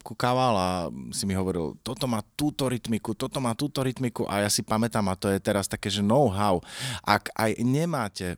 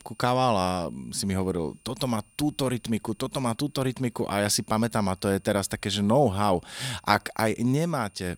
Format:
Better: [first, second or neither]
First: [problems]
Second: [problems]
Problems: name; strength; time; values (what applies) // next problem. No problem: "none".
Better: first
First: none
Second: high-pitched whine; faint; throughout; 9 kHz, 35 dB below the speech